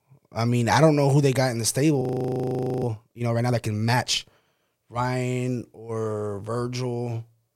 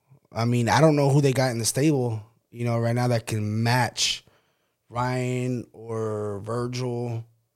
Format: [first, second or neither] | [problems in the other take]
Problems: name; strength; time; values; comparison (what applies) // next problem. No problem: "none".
second | audio freezing; at 2 s for 1 s